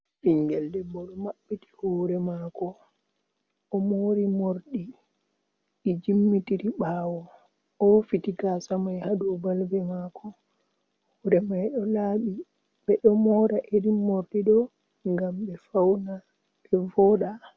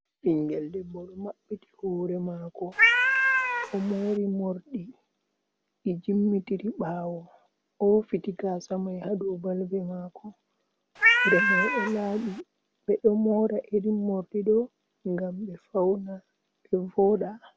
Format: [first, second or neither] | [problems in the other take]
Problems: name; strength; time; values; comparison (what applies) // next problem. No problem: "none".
first | background sound (Cat); 5 dB above the speech